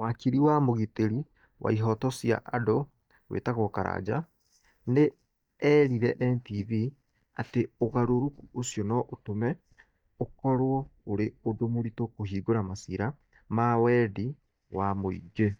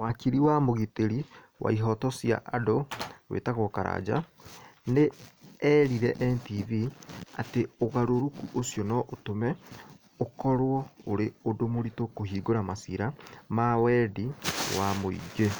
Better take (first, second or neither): second